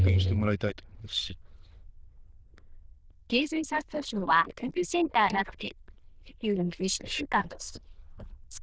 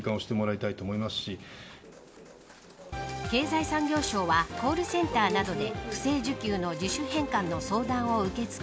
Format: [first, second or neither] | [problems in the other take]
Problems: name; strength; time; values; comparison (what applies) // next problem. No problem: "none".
second | noise reduction (neural diffusion model UNIVERSE++)